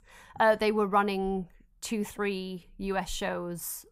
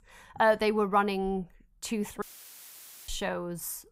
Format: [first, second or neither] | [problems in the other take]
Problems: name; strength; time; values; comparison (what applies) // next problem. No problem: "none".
first | audio cutting out; filled with static; at 2 s for 1 s